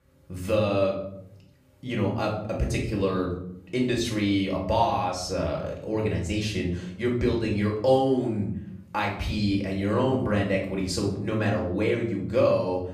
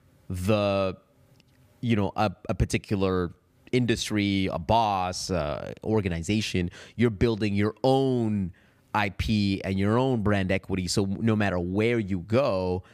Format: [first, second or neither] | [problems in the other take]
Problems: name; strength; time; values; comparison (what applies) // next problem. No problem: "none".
second | off-mic speech; far // room echo; noticeable; dies away in 0.6 s